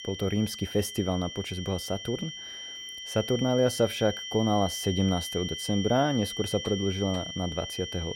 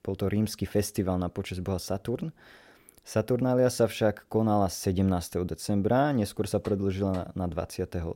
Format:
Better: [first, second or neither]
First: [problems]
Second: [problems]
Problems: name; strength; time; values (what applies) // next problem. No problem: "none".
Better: second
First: high-pitched whine; loud; throughout; 3 kHz, 7 dB below the speech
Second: none